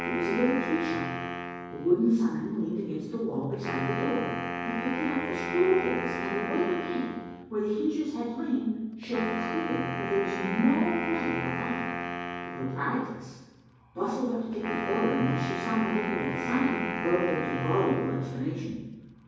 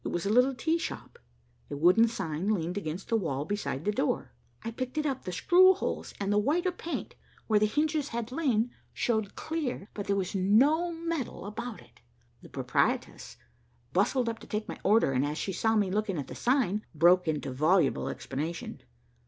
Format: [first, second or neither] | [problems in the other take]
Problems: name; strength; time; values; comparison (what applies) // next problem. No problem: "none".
second | background sound (Wind instrument, woodwind instrument); 5 dB below the speech // room echo; dies away in 1.3 s